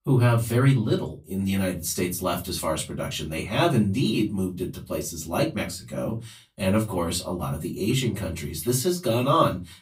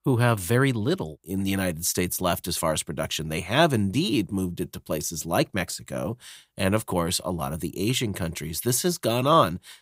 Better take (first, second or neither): second